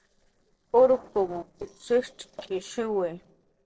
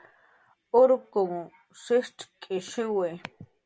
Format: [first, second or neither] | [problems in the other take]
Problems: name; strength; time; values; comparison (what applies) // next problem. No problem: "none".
second | noise reduction (neural separator model SepFormer DNS4)